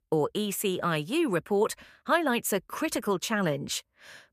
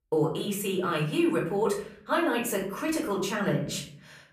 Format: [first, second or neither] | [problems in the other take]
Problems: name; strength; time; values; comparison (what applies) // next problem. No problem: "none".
first | off-mic speech; far // room echo; slight; dies away in 0.5 s